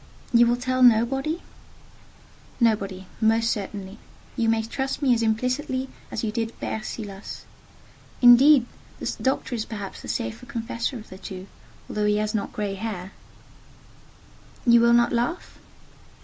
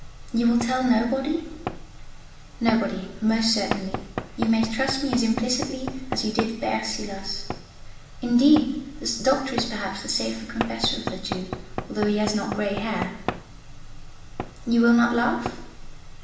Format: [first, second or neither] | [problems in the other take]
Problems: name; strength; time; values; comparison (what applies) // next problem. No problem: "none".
first | background sound (Knock / Wood); 11 dB below the speech // room echo; dies away in 0.8 s